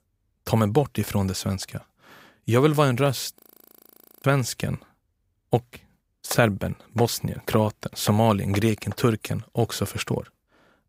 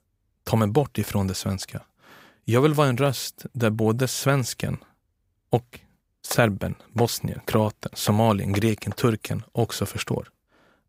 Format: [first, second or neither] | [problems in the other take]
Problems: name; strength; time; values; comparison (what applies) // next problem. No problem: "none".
second | audio freezing; at 3.5 s for 1 s